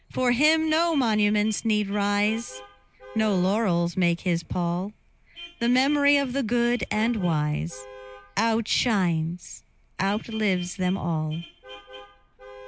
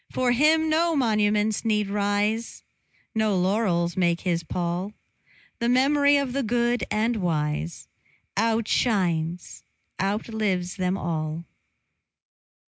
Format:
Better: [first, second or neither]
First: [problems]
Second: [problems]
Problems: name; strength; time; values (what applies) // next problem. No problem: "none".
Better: second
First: background sound (Vehicle horn, car horn, honking); 19 dB below the speech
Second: none